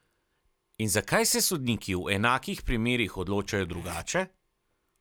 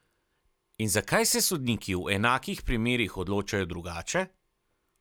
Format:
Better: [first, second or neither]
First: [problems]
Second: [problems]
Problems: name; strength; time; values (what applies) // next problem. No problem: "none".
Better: second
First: background sound (Zipper (clothing)); 17 dB below the speech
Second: none